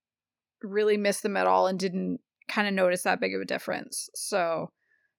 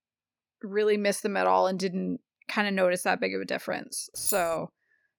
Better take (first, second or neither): first